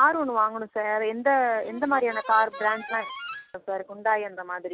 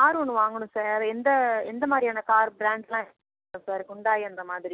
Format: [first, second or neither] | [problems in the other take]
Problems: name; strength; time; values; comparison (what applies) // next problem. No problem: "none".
second | background sound (Harmonica); 14 dB below the speech